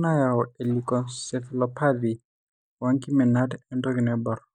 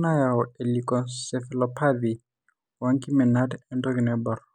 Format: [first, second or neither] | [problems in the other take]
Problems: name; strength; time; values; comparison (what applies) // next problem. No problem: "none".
second | noise reduction (neural mask model DeepFilterNet 3)